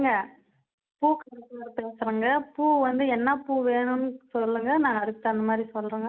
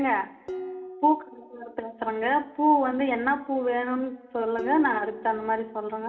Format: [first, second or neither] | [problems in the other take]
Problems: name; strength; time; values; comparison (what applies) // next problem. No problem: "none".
first | background sound (Dishes, pots, and pans); 16 dB below the speech // room echo; dies away in 2.7 s